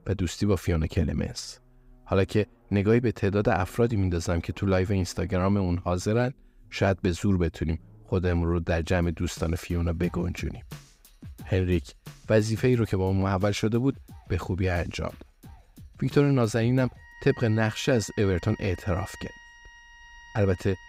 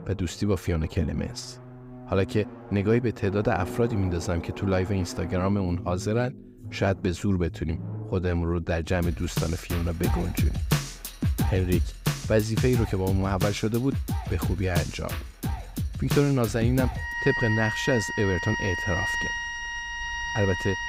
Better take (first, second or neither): first